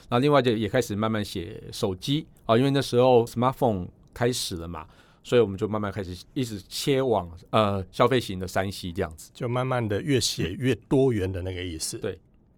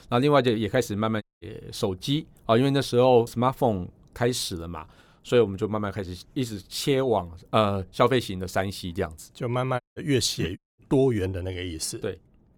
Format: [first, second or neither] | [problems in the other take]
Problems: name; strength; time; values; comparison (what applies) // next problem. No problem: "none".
first | audio cutting out; at 1 s, at 10 s and at 11 s